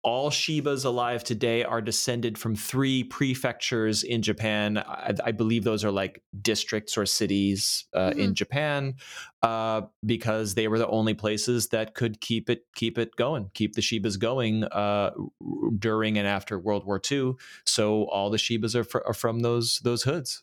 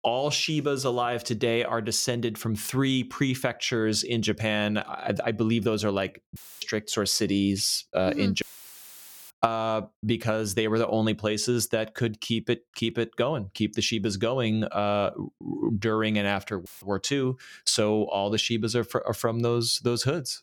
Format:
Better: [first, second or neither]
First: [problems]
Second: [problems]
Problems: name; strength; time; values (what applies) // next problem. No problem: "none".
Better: first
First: none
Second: audio cutting out; filled with static; at 6.5 s, at 8.5 s for 1 s and at 17 s